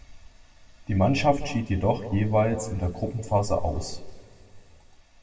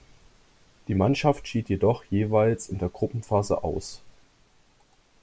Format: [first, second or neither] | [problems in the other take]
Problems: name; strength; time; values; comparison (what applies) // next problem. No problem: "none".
second | room echo; dies away in 1.3 s